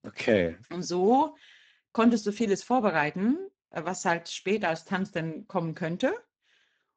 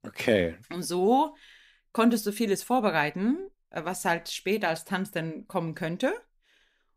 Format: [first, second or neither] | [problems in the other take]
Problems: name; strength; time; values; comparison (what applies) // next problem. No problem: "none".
second | garbled, watery; badly; nothing above 7.5 kHz